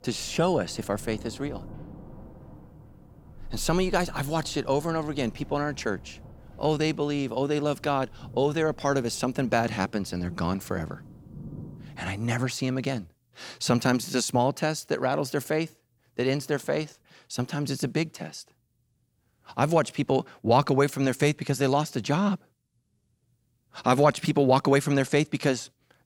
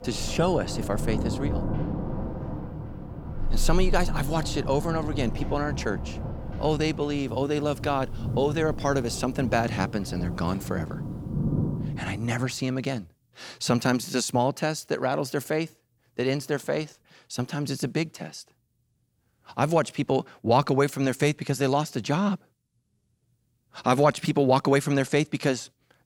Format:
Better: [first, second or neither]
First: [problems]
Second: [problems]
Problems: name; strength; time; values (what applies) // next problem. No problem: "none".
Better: first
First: rain or running water; faint; until 12 s; 20 dB below the speech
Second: rain or running water; loud; until 12 s; 6 dB below the speech